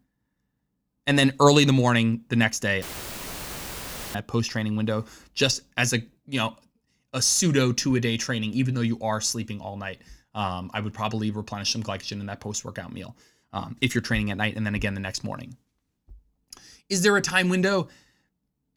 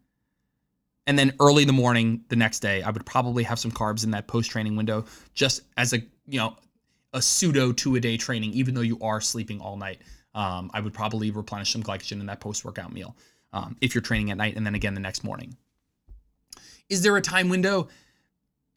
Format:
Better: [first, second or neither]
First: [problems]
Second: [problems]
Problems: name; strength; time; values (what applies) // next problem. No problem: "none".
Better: second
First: audio cutting out; filled with static; at 3 s for 1.5 s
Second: none